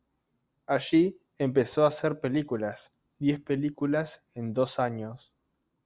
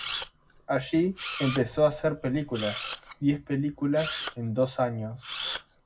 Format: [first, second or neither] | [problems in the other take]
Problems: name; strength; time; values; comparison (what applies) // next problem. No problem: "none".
first | background sound (Camera); 10 dB below the speech // room echo; dies away in 0.4 s